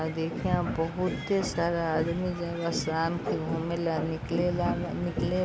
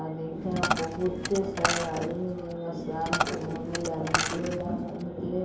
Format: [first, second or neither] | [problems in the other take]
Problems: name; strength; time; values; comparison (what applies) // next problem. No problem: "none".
first | background sound (Coin (dropping)); 1 dB below the speech // room echo; dies away in 2.8 s